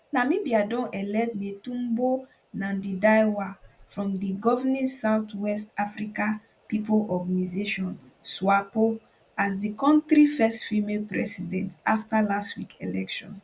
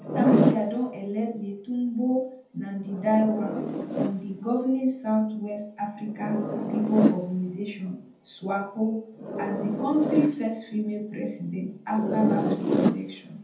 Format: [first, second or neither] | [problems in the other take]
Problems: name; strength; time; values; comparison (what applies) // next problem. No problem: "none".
first | background sound (Zipper (clothing)); 2 dB below the speech // room echo; dies away in 0.5 s